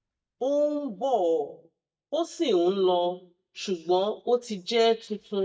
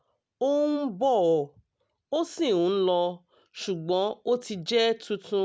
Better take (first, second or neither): second